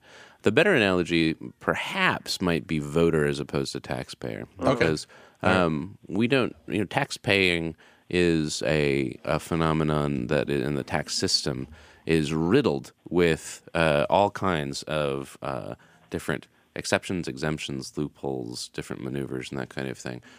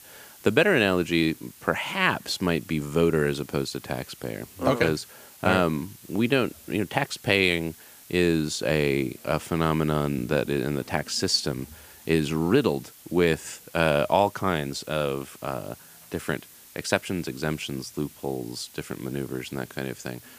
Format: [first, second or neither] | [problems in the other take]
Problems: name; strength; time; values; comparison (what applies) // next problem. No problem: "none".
first | hiss; faint; throughout; 20 dB below the speech